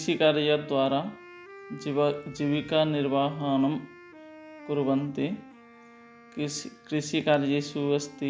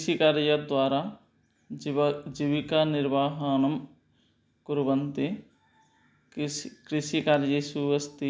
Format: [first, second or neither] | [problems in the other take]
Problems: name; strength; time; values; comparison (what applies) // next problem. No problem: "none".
second | background sound (Wind instrument, woodwind instrument); 20 dB below the speech